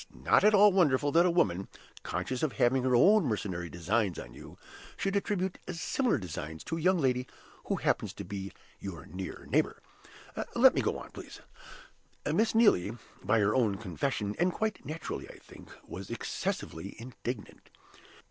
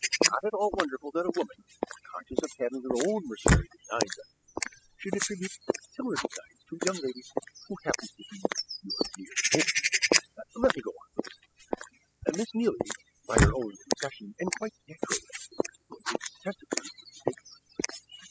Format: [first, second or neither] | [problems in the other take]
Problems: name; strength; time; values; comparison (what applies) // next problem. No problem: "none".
first | noise reduction (classical method spectral subtraction)